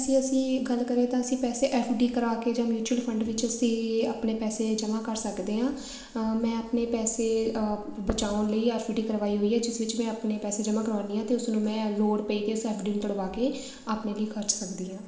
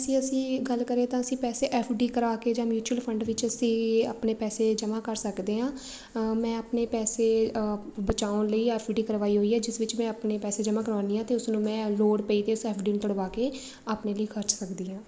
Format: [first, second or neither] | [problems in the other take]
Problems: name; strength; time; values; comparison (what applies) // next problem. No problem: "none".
second | room echo; dies away in 0.9 s